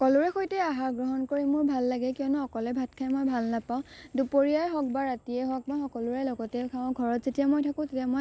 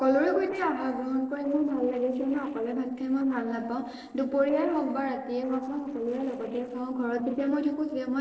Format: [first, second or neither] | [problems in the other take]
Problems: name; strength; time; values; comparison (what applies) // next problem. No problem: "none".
first | noise reduction (neural separator model SepFormer DNS4)